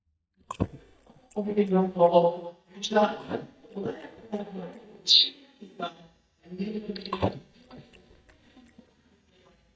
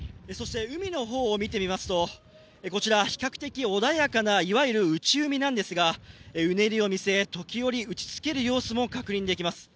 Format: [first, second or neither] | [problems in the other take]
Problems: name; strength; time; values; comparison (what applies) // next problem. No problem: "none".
second | noise reduction (neural mask model DeepFilterNet 3)